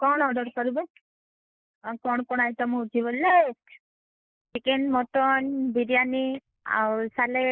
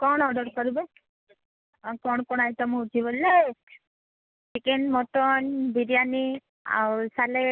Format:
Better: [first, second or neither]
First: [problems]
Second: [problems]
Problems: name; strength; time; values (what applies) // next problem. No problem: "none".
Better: second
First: noise reduction (neural mask model Resemble Enhance denoiser)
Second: none